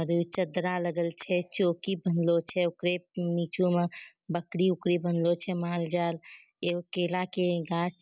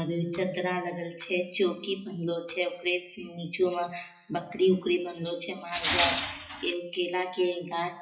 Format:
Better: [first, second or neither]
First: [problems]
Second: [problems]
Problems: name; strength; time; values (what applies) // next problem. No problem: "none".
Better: first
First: none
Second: noise reduction (classical method WPE with log-MMSE)